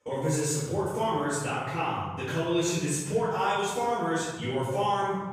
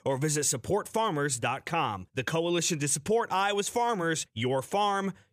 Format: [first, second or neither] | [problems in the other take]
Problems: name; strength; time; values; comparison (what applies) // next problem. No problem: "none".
second | off-mic speech; far // room echo; strong; dies away in 1.3 s